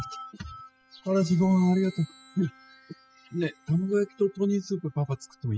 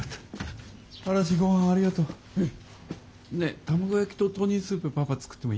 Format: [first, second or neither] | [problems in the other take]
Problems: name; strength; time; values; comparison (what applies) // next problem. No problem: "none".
second | noise reduction (classical method spectral subtraction)